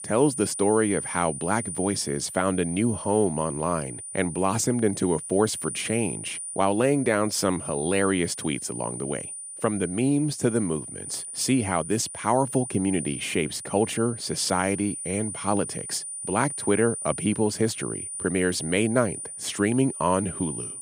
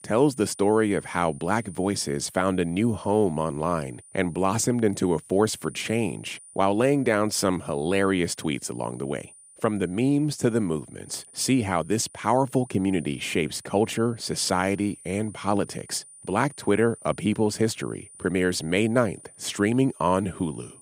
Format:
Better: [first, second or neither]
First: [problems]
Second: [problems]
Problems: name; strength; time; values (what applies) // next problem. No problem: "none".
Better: second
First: high-pitched whine; loud; throughout; 9.5 kHz, 7 dB below the speech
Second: high-pitched whine; faint; throughout; 9.5 kHz, 20 dB below the speech